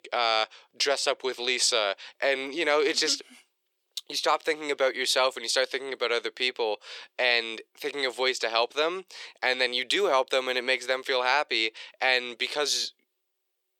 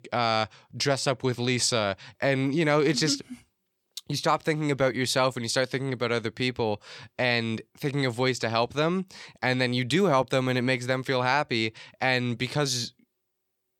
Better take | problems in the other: second | thin; very; fading below 400 Hz

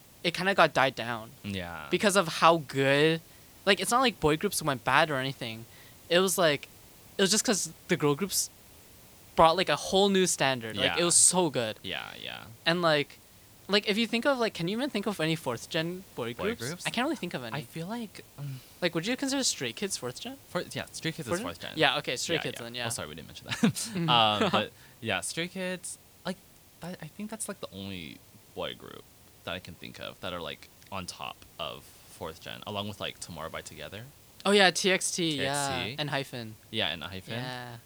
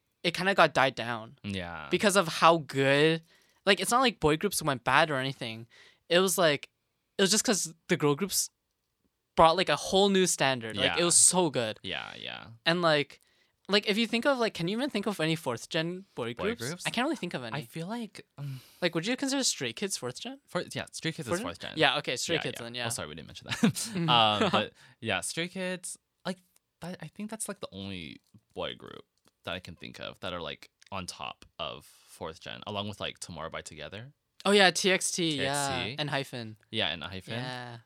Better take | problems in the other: second | hiss; faint; throughout; 25 dB below the speech

